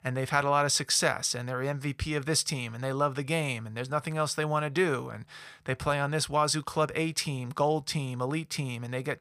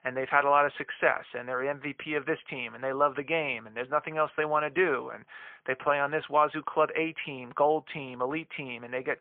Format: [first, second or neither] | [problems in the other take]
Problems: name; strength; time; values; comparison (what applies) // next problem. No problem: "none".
first | phone-call audio; poor line